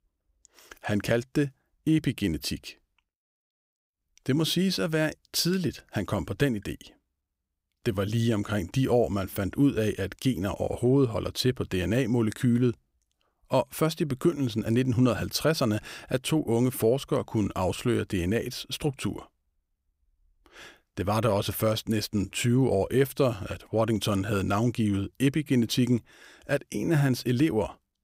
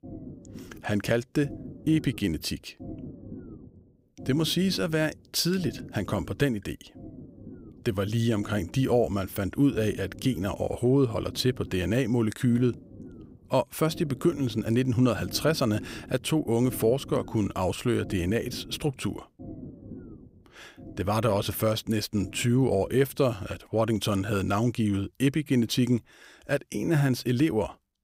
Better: first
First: none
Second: low rumble; noticeable; until 24 s; 20 dB below the speech

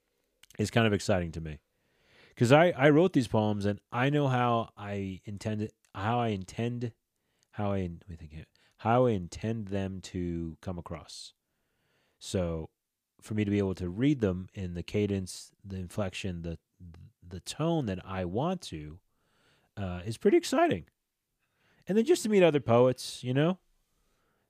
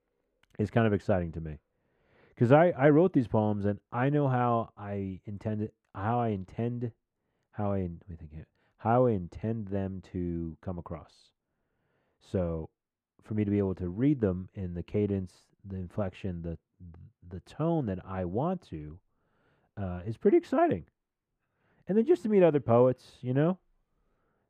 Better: first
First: none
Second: muffled; very; fading above 2.5 kHz

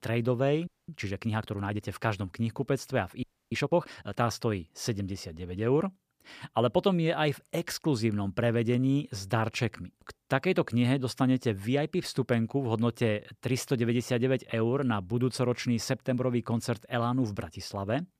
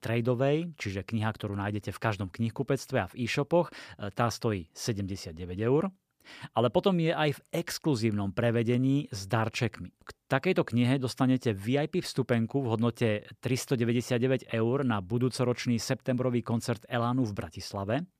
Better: second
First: audio freezing; at 0.5 s and at 3 s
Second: none

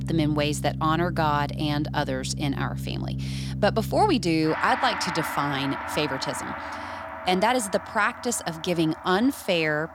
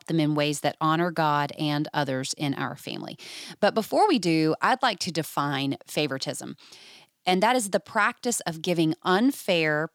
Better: second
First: background music; loud; throughout; 8 dB below the speech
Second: none

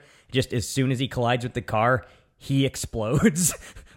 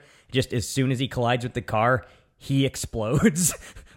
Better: neither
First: none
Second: none

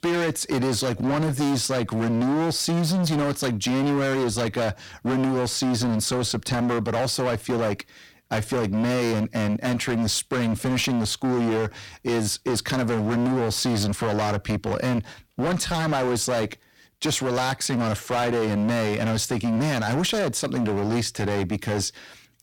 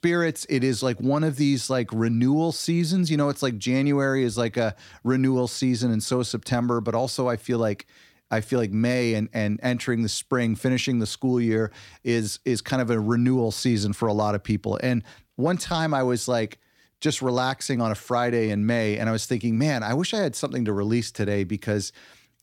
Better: second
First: distortion; heavy; 28% of the sound clipped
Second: none

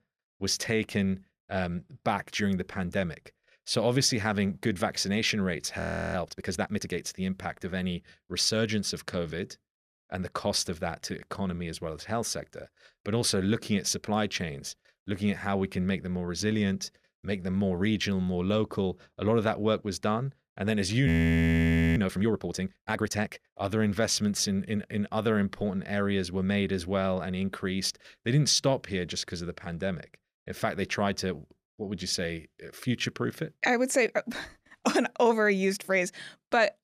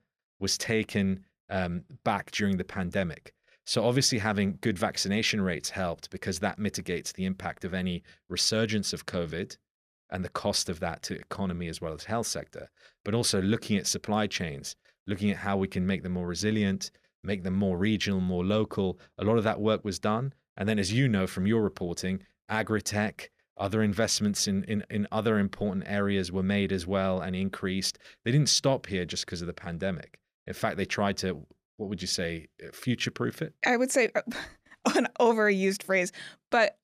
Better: second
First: audio freezing; at 6 s and at 21 s for 1 s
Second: none

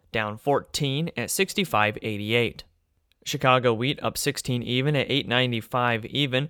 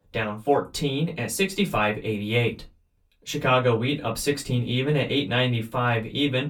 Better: first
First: none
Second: off-mic speech; far // room echo; very slight; dies away in 0.2 s

